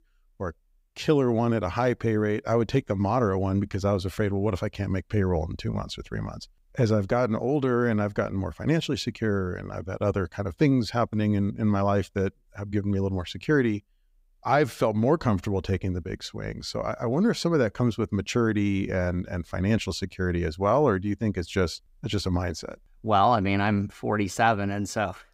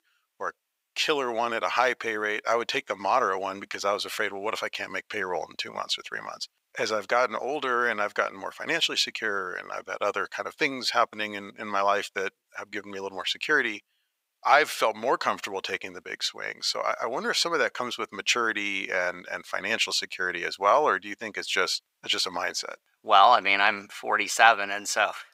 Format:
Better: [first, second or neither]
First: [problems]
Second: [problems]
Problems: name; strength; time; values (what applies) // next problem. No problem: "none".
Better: first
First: none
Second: thin; very; fading below 850 Hz